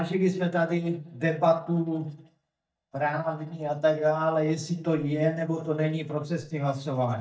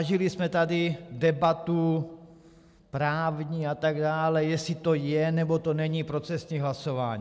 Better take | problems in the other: second | noise reduction (neural mask model DeepFilterNet 3)

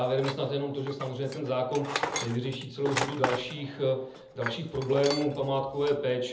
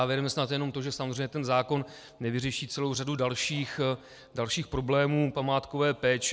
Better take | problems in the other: second | background sound (Tools); 8 dB below the speech // room echo; dies away in 0.7 s

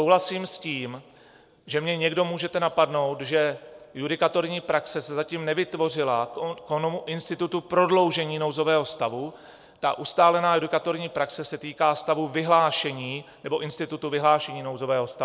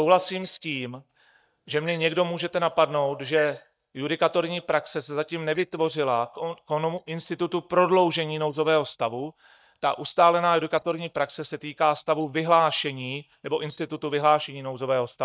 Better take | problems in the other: first | noise reduction (neural mask model DeepFilterNet 3)

